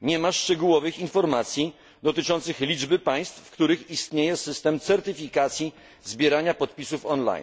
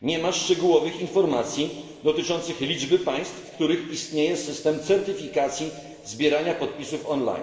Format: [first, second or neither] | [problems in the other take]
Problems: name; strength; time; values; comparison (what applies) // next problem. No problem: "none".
first | room echo; dies away in 1.9 s